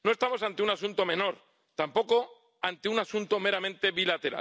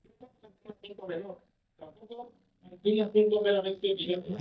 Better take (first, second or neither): first